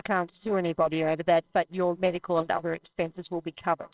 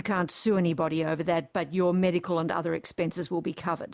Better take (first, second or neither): second